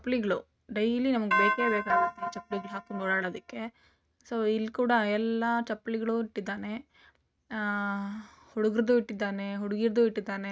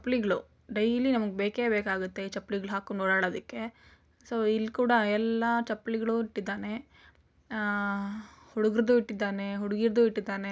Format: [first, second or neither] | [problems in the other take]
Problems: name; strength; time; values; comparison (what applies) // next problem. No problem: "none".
second | noise reduction (neural mask model RNNoise)